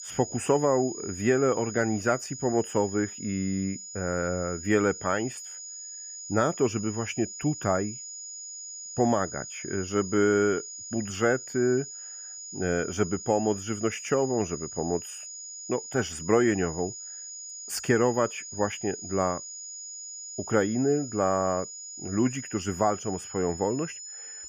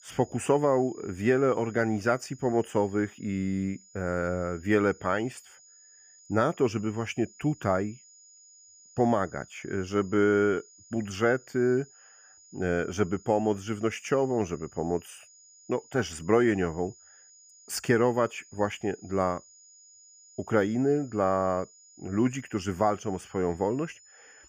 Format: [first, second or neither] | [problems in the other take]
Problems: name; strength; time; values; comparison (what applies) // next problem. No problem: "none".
second | high-pitched whine; loud; throughout; 7 kHz, 10 dB below the speech; faint in the second